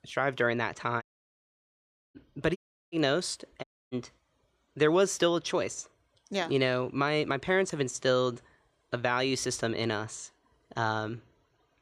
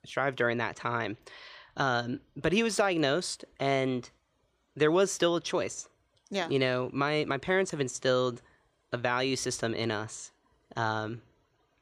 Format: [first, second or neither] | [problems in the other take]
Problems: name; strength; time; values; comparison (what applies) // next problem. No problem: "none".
second | audio cutting out; at 1 s for 1 s, at 2.5 s and at 3.5 s